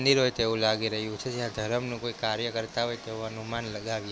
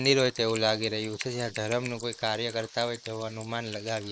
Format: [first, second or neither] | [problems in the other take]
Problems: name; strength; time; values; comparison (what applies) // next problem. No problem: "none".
first | noise reduction (neural mask model Resemble Enhance denoiser)